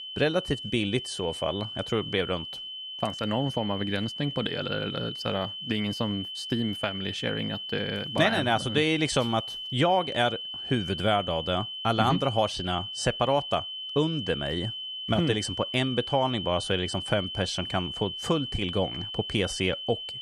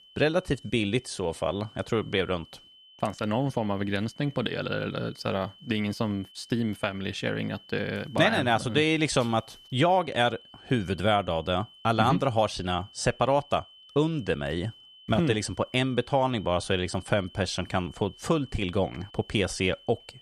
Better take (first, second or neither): second